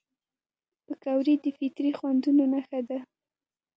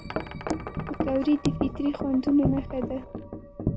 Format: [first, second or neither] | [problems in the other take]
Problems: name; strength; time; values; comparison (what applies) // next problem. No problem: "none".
first | background sound (Wind chime); 4 dB below the speech